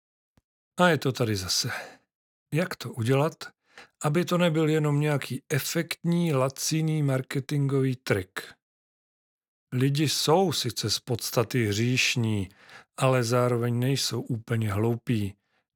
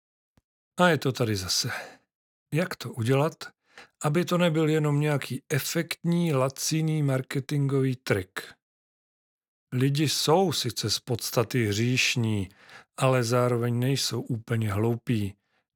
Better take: neither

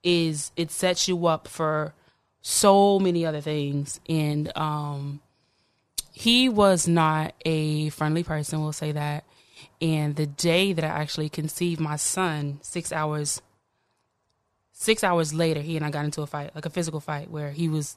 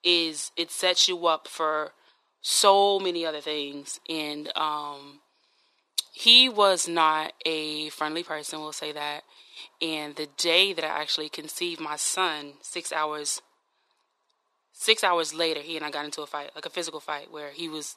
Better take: first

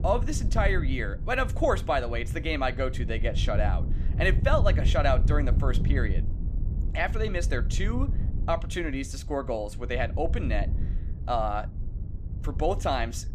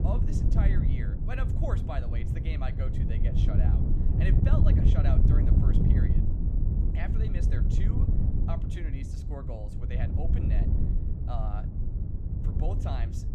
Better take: first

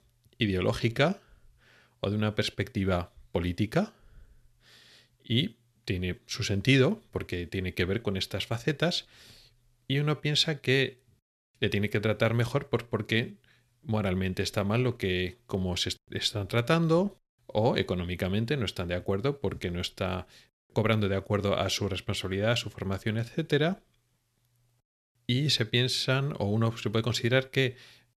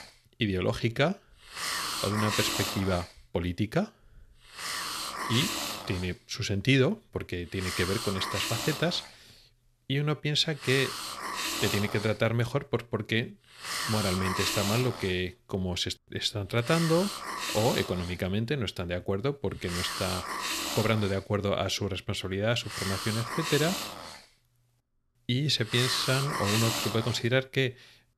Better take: first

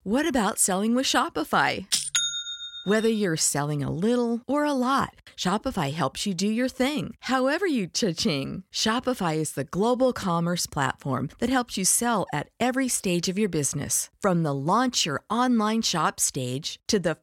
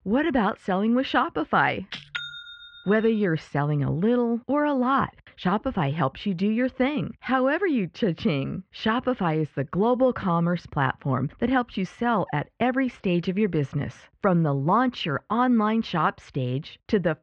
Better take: first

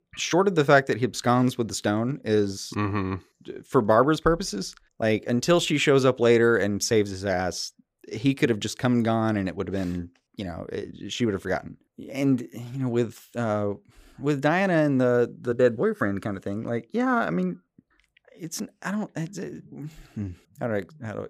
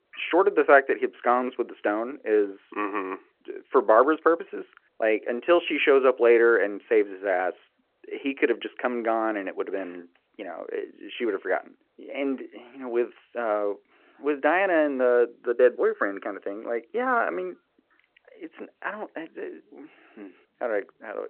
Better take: first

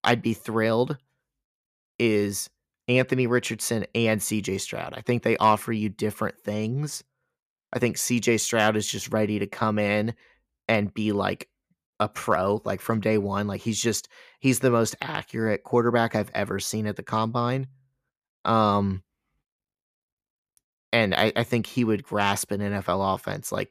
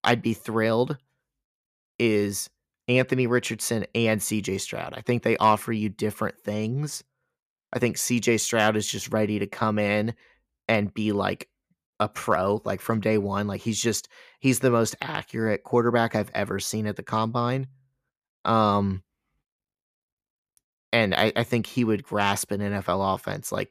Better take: neither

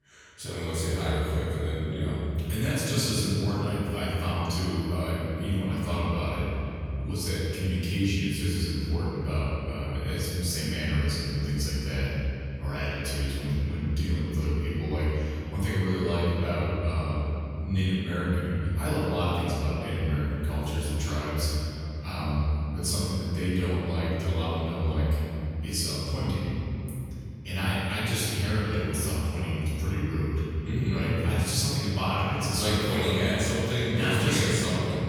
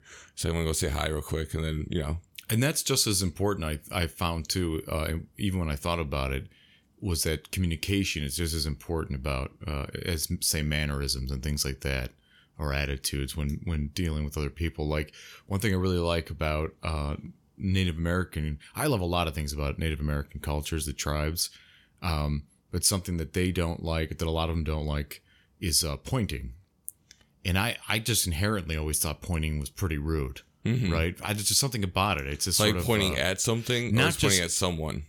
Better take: second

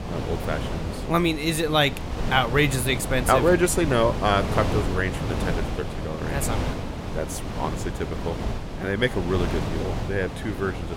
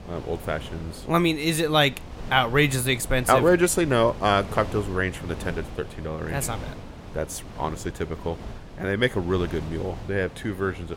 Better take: second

